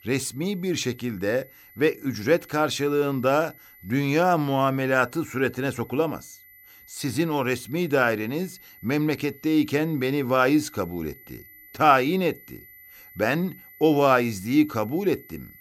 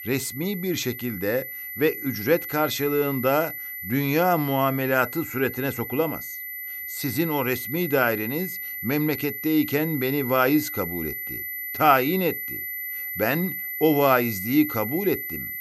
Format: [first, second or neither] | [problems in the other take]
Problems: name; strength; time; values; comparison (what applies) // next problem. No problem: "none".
first | high-pitched whine; loud; throughout; 2 kHz, 6 dB below the speech; faint in the first